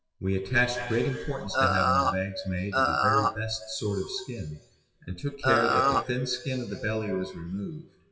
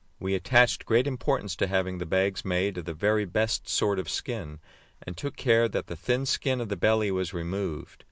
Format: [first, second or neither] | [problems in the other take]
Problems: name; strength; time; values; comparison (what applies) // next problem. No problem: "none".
second | noise reduction (classical method WPE with log-MMSE)